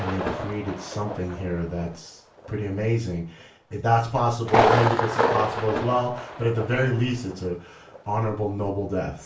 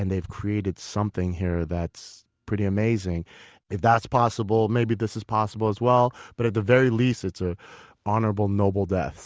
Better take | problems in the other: second | background sound (Thunder); 3 dB below the speech // room echo; dies away in 0.3 s

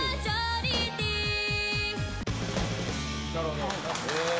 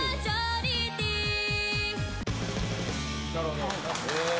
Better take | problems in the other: second | background sound (Explosion); 14 dB below the speech

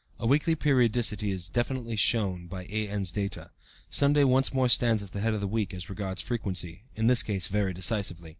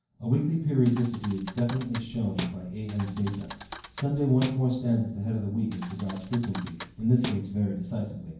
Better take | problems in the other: first | background sound (Thump, thud); 13 dB below the speech // room echo; dies away in 0.9 s

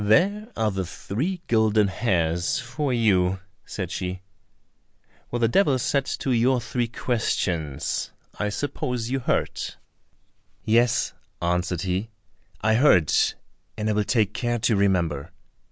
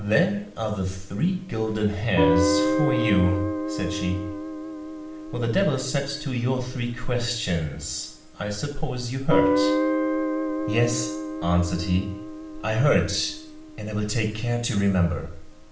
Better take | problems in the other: first | background sound (Guitar); 3 dB below the speech // room echo; dies away in 0.6 s

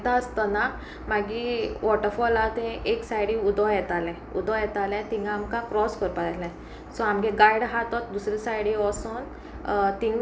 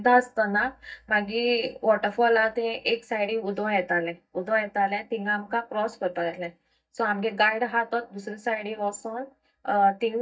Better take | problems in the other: first | noise reduction (neural mask model DeepFilterNet 3)

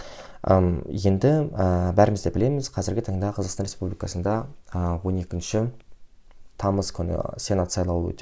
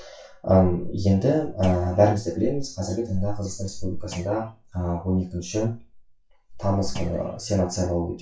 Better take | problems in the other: first | noise reduction (classical method WPE with log-MMSE)

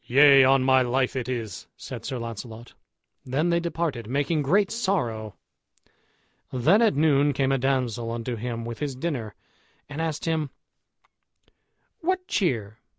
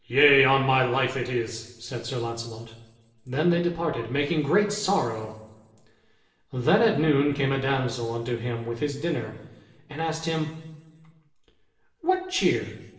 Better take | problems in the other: first | room echo; dies away in 1.1 s

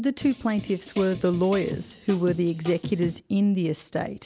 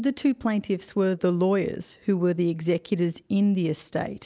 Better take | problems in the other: second | background sound (Drum kit); 13 dB below the speech

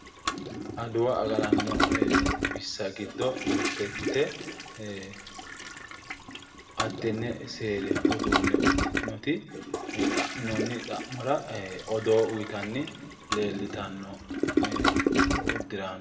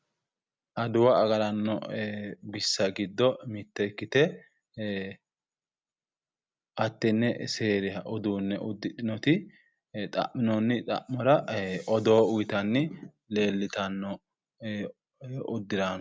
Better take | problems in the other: second | background sound (Toilet flush); 3 dB above the speech // room echo; dies away in 1.3 s

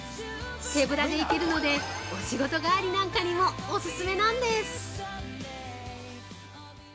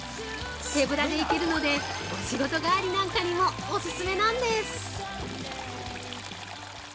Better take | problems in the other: first | background sound (Stream + Engine / Mechanisms); 12 dB below the speech

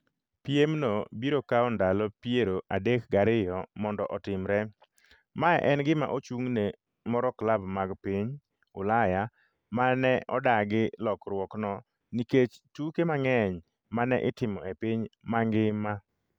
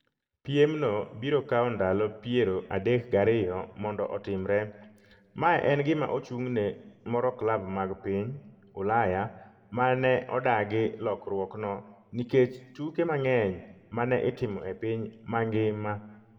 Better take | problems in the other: first | room echo; dies away in 1.7 s

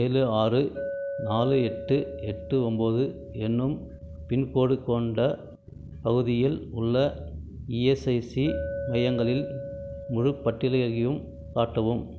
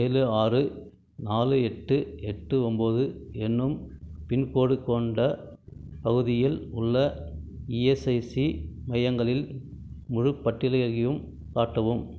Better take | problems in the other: second | background sound (Chink, clink); 13 dB below the speech

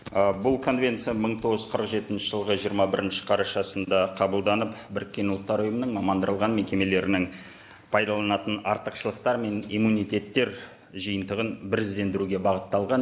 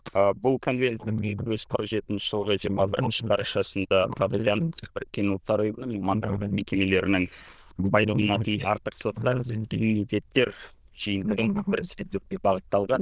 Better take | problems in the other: first | noise reduction (neural diffusion model UNIVERSE++)

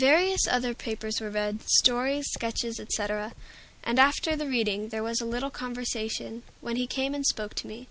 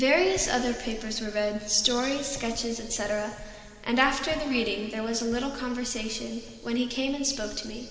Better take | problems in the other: first | room echo; dies away in 2.1 s

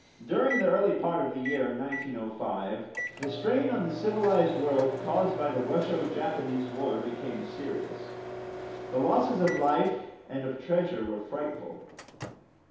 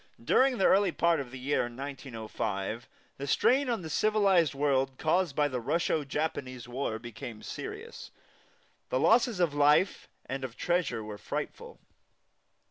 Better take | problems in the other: second | background sound (Microwave oven); 10 dB below the speech // room echo; dies away in 0.8 s

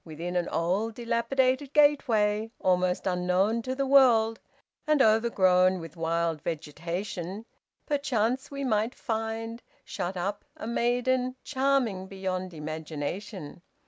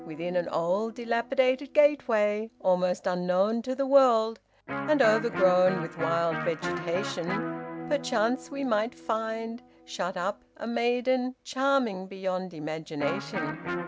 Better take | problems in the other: first | background sound (Electric guitar); 11 dB below the speech

